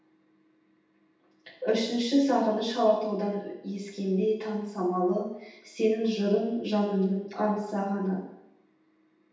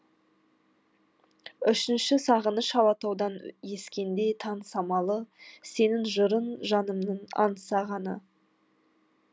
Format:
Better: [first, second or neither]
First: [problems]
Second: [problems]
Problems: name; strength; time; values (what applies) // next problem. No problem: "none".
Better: second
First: room echo; dies away in 0.9 s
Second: none